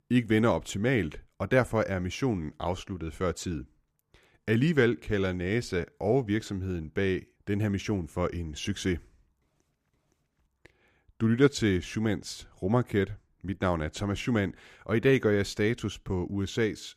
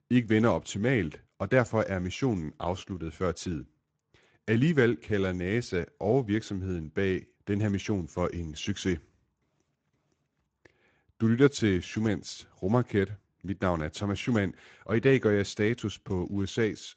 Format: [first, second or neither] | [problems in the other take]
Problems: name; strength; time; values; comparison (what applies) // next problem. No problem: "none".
first | garbled, watery; slightly; nothing above 7.5 kHz